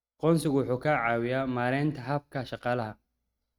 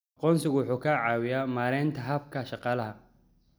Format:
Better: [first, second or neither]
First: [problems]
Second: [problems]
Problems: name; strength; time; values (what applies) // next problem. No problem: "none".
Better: second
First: noise reduction (neural mask model RNNoise)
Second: none